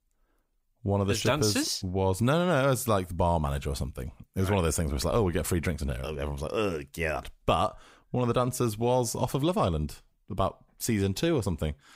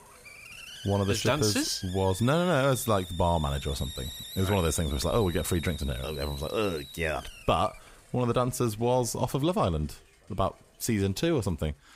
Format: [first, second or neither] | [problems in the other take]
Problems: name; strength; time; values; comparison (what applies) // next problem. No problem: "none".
first | hiss; noticeable; throughout; 15 dB below the speech